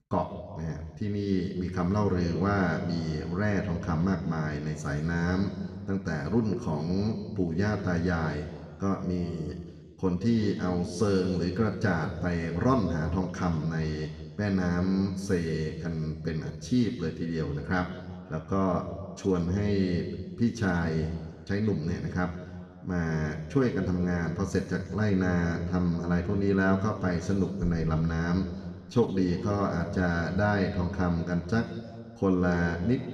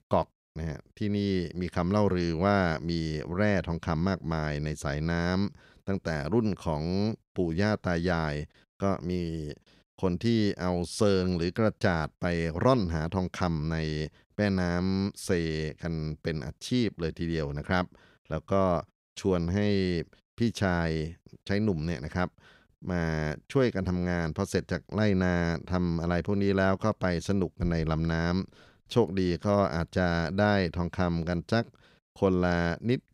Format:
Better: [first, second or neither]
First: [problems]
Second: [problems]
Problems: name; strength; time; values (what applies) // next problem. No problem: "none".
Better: second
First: room echo; noticeable; dies away in 1.5 s // off-mic speech; somewhat distant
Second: none